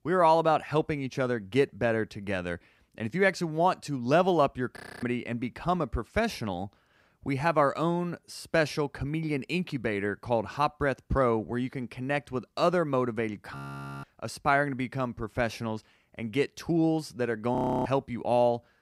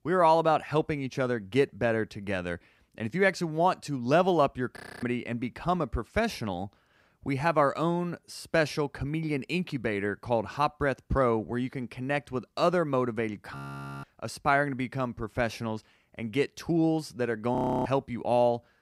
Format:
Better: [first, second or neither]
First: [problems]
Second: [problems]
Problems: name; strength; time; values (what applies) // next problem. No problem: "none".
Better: neither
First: audio freezing; at 5 s, at 14 s and at 18 s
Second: audio freezing; at 5 s, at 14 s and at 18 s